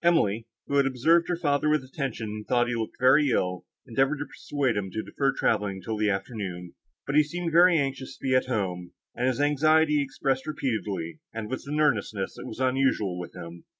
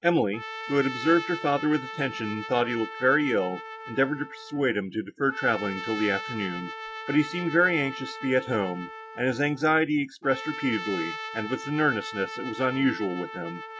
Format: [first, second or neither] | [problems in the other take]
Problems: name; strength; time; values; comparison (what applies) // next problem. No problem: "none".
first | background sound (Trumpet); 11 dB below the speech